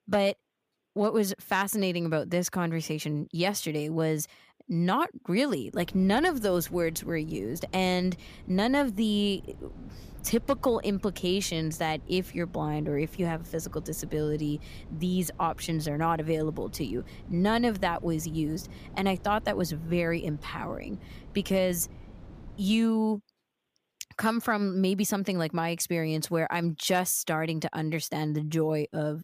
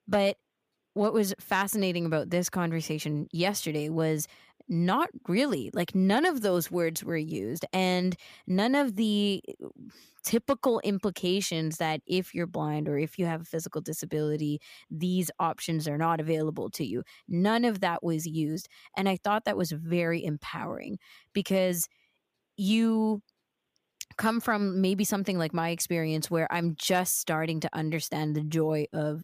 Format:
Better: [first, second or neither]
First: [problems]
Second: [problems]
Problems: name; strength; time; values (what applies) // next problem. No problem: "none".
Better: second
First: wind noise on the microphone; occasional gusts; from 6 to 23 s; 25 dB below the speech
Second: none